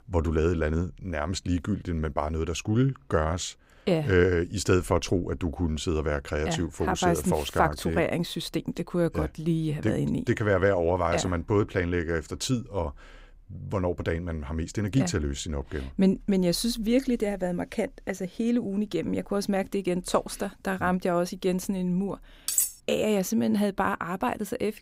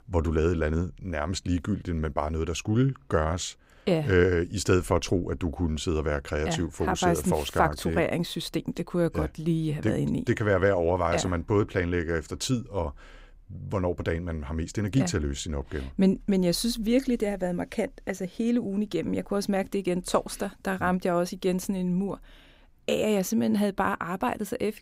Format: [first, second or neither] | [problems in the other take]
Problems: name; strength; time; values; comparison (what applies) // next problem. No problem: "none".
second | clattering dishes; loud; at 22 s; peak 3 dB above the speech